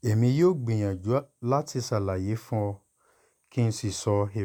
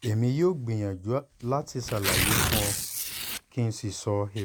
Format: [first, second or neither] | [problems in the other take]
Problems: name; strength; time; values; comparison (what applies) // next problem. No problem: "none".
first | background sound (Tearing); 3 dB below the speech